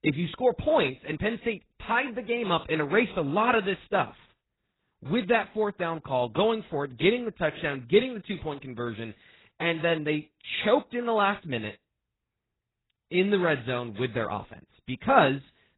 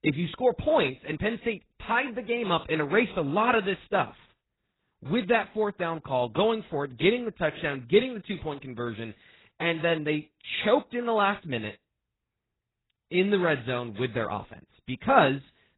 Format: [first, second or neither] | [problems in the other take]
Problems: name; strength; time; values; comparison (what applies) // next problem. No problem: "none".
neither | garbled, watery; badly; nothing above 4 kHz; the same in both